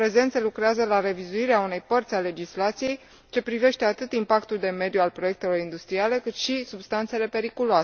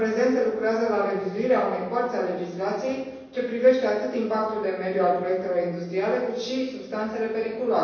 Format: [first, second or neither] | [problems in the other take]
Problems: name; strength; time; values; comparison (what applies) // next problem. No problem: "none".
first | room echo; dies away in 1.1 s